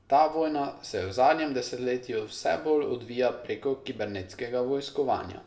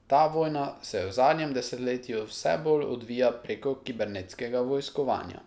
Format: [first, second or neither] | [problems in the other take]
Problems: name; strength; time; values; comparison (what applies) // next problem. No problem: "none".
second | room echo; dies away in 0.7 s